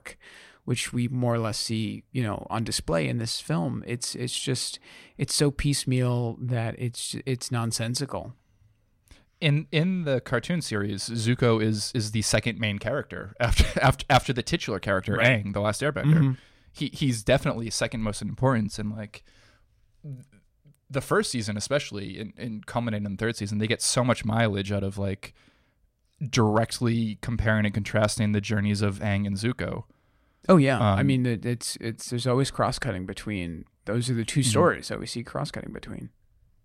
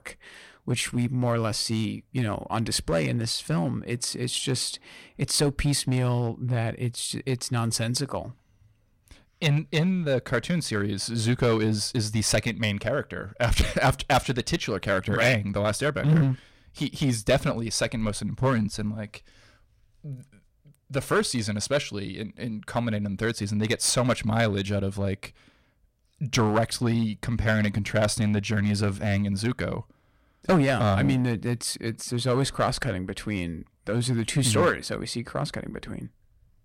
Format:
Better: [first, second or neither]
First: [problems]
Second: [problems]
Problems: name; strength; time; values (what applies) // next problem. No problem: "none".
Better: first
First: none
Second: distortion; slight; 4% of the sound clipped